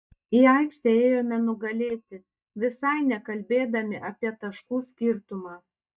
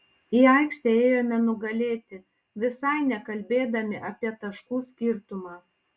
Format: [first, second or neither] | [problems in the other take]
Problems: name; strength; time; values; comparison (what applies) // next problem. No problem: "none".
second | noise reduction (neural mask model DeepFilterNet 3)